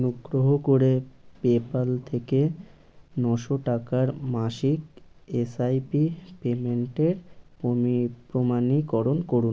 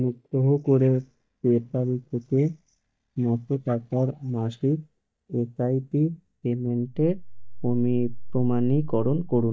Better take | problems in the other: first | noise reduction (neural mask model DeepFilterNet 3)

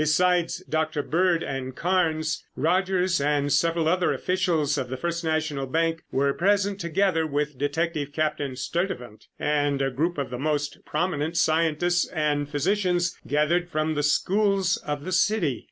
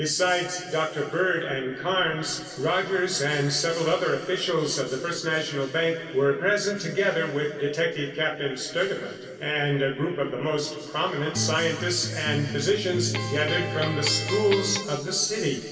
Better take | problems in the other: first | background sound (Electric guitar); 5 dB below the speech // room echo; dies away in 2.6 s

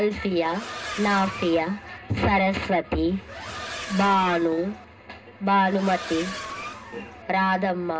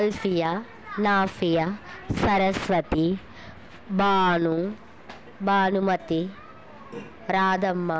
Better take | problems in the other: second | background sound (Accelerating, revving, vroom); 12 dB below the speech // room echo; dies away in 0.2 s

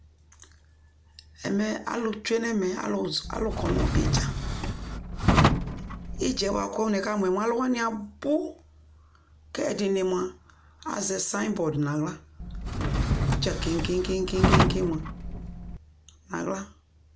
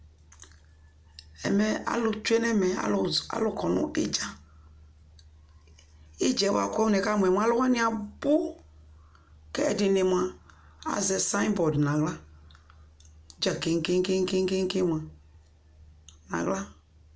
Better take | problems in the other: second | background sound (Drawer open or close); 3 dB above the speech

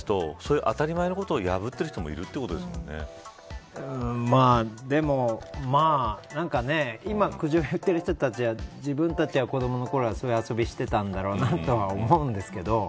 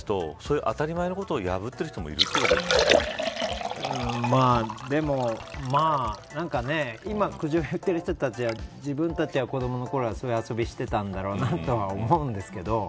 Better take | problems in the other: first | background sound (Liquid); 5 dB below the speech

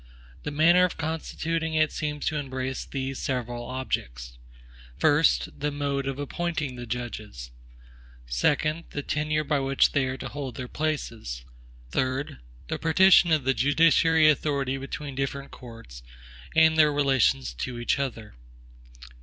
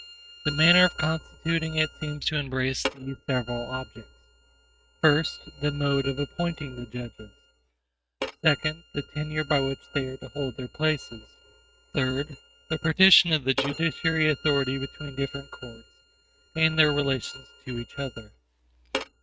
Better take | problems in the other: first | noise reduction (neural mask model RNNoise)

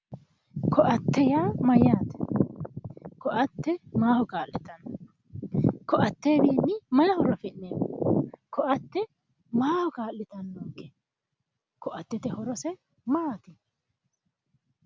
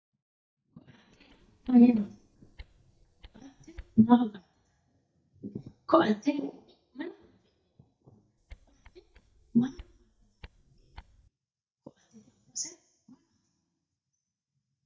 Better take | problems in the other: first | noise reduction (neural mask model DeepFilterNet 3)

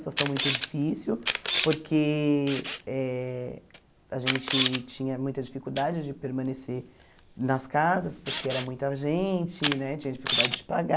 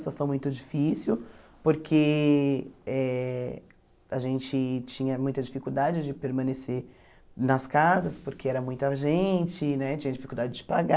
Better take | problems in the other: second | background sound (Camera); 5 dB below the speech

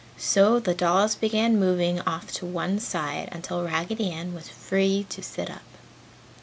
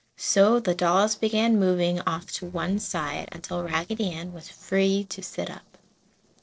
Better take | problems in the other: first | noise reduction (neural separator model SepFormer DNS4)

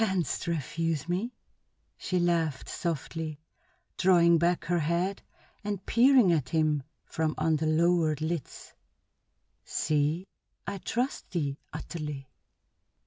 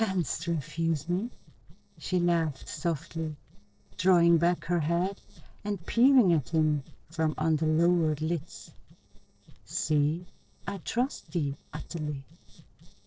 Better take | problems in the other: first | noise reduction (neural separator model SepFormer DNS4)

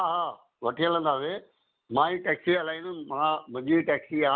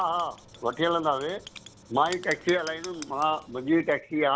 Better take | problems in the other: first | background sound (Writing); 19 dB below the speech

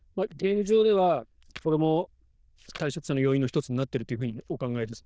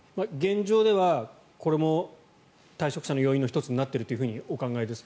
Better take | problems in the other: second | noise reduction (neural diffusion model UNIVERSE++)

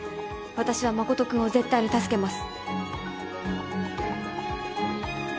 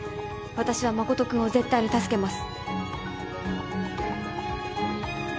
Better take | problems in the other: first | background sound (Idling / Motorcycle); 14 dB below the speech

